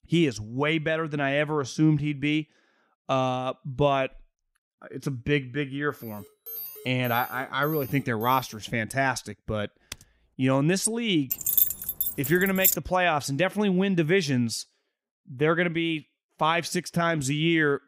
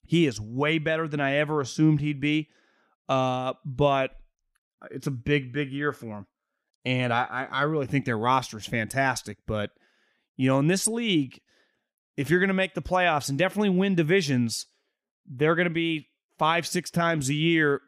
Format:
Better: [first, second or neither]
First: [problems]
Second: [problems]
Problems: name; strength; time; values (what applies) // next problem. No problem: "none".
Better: second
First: alarm; noticeable; from 6 to 8.5 s; peak 9 dB below the speech // keyboard typing; faint; at 10 s; peak 15 dB below the speech // jangling keys; loud; from 11 to 13 s; peak 5 dB above the speech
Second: none